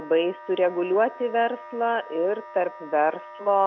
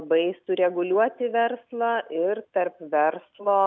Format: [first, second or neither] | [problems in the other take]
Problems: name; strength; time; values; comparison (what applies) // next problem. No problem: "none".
second | background sound (Wind instrument, woodwind instrument); 17 dB below the speech